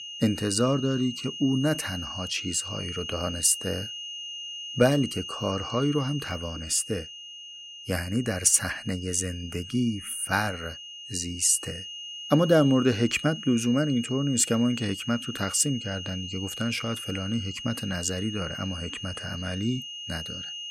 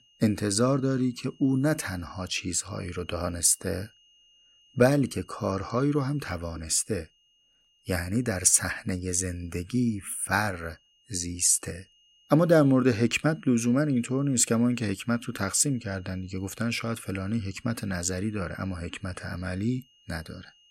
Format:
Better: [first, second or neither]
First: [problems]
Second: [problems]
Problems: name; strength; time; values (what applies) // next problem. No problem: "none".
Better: second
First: high-pitched whine; loud; throughout; 3 kHz, 9 dB below the speech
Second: high-pitched whine; faint; throughout; 3 kHz, 35 dB below the speech